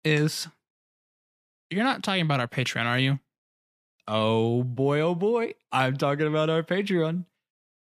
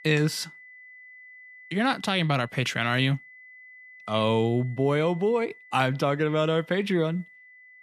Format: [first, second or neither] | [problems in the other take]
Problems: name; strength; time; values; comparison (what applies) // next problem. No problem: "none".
first | high-pitched whine; faint; throughout; 2 kHz, 20 dB below the speech